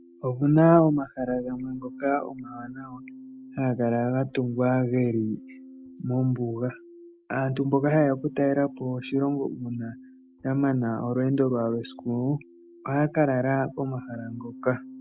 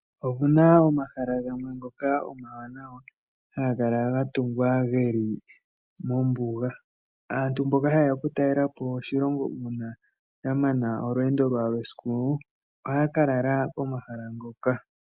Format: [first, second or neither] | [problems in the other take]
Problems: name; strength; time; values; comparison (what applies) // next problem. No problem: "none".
second | background sound (Keyboard (musical)); 19 dB below the speech